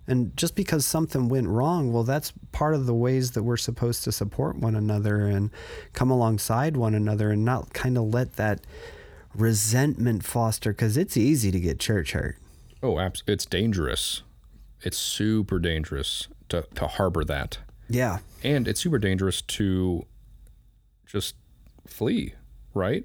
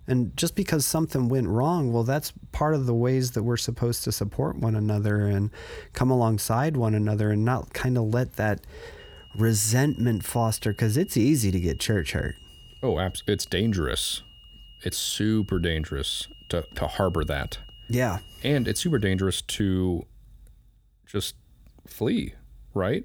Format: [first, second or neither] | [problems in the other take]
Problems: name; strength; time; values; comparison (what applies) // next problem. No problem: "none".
first | high-pitched whine; faint; from 9 to 19 s; 3 kHz, 25 dB below the speech